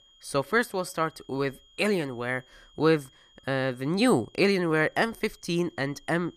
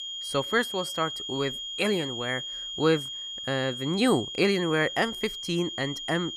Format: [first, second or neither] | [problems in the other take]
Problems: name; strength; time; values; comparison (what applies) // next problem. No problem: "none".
first | high-pitched whine; loud; throughout; 3 kHz, 6 dB below the speech; faint in the first